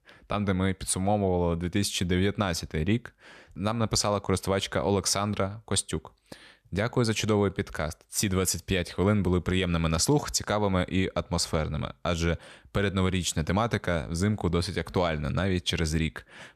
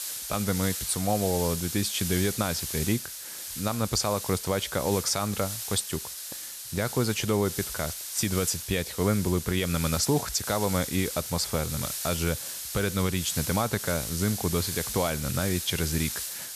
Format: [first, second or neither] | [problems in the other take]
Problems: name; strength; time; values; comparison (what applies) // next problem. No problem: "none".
first | hiss; loud; throughout; 4 dB below the speech